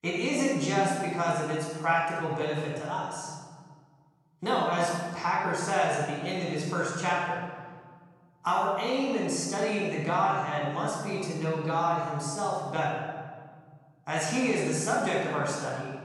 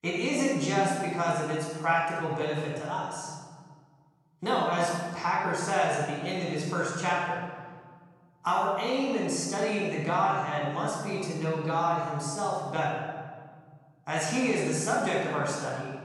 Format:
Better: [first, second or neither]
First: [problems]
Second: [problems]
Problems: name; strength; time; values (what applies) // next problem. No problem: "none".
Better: neither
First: off-mic speech; far // room echo; strong; dies away in 1.5 s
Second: off-mic speech; far // room echo; strong; dies away in 1.5 s